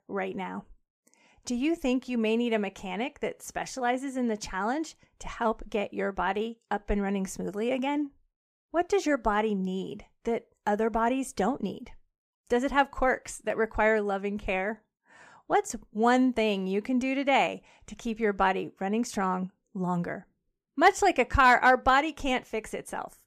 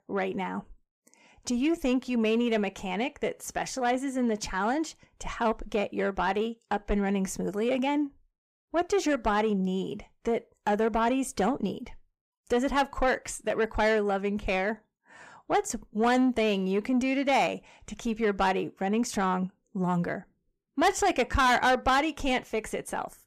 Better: first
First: none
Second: distortion; slight; 10 dB below the speech

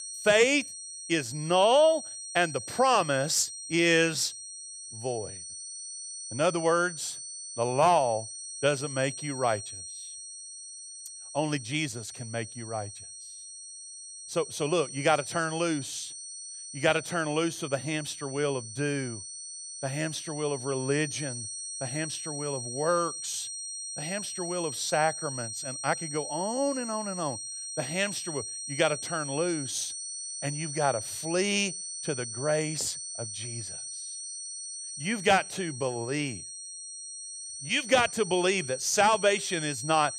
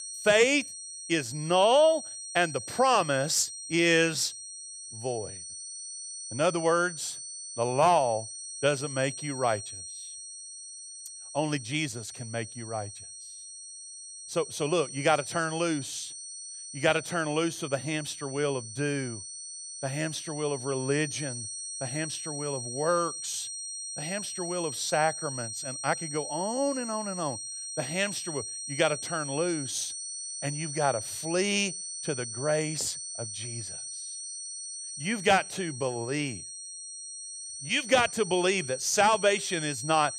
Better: neither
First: high-pitched whine; loud; throughout; 8.5 kHz, 8 dB below the speech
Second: high-pitched whine; loud; throughout; 8.5 kHz, 8 dB below the speech

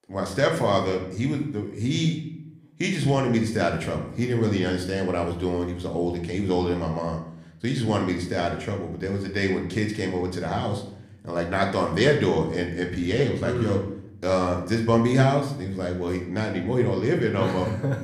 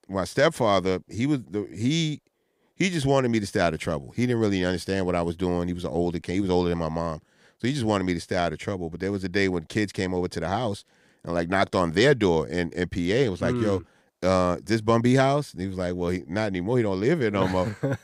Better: second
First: room echo; slight; dies away in 0.6 s // off-mic speech; somewhat distant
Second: none

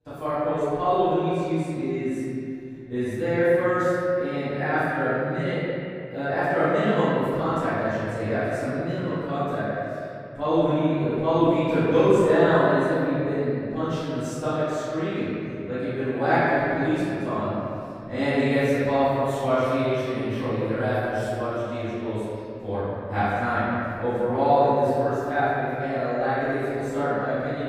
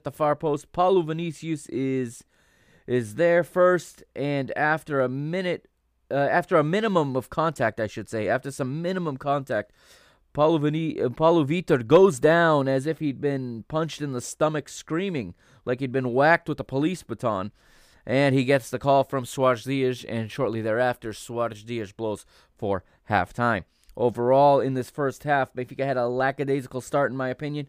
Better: second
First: off-mic speech; far // room echo; strong; dies away in 2.5 s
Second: none

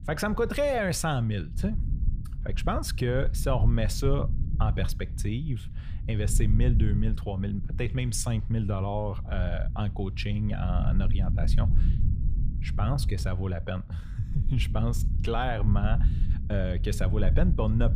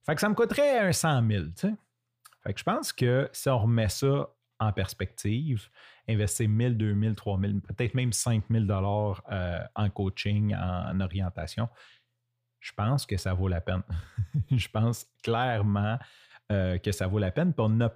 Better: second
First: low rumble; noticeable; throughout; 15 dB below the speech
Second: none

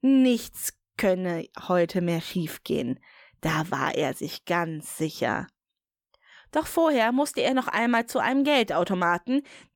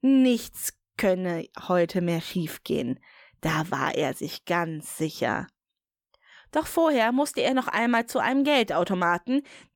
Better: neither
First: none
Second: none

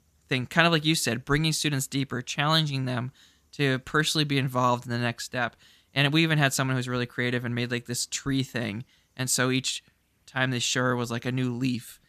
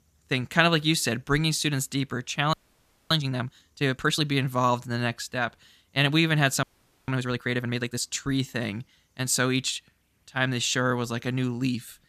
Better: first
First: none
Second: audio freezing; at 2.5 s for 0.5 s and at 6.5 s

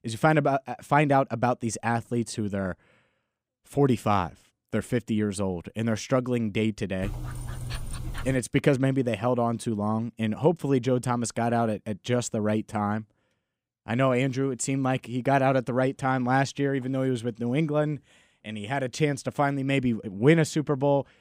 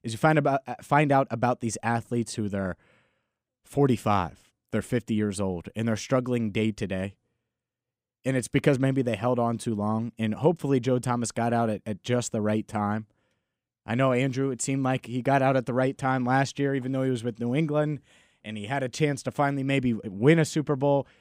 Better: second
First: dog barking; noticeable; from 7 to 8.5 s; peak 9 dB below the speech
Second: none

